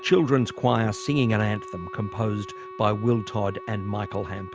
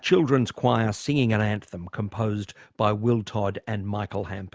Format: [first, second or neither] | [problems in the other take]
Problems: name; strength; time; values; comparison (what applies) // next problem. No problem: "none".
second | background sound (Wind instrument, woodwind instrument); 15 dB below the speech